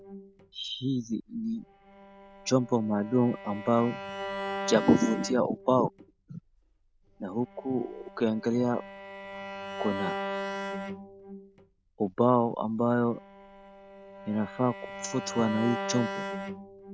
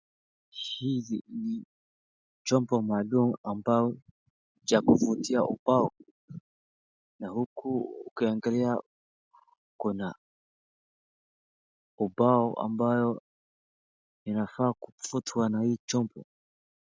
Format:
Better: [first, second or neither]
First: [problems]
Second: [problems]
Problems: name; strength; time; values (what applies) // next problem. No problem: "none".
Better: second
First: background sound (Bowed string instrument); 9 dB below the speech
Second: none